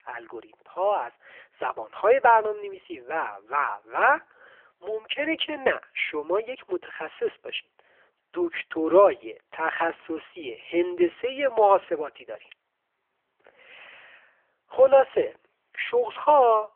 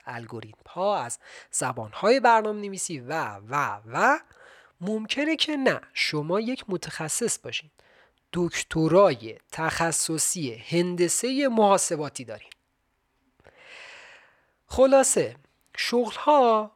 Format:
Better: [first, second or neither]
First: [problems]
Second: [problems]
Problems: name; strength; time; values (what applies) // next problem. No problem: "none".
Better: second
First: phone-call audio; poor line; nothing above 3.5 kHz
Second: none